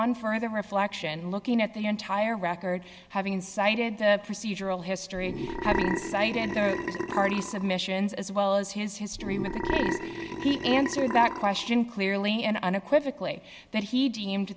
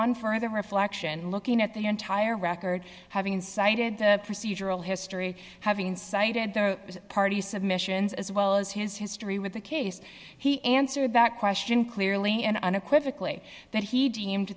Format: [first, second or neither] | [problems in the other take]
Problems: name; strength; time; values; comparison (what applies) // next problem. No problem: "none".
second | background sound (Burping, eructation); 4 dB below the speech